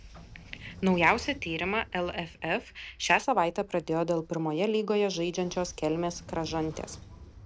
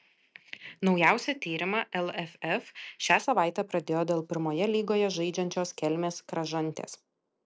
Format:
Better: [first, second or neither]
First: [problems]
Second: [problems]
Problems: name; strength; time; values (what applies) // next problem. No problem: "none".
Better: second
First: background sound (Sliding door / Train); 19 dB below the speech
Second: none